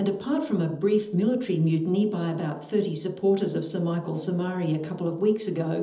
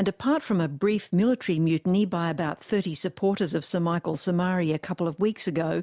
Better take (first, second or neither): second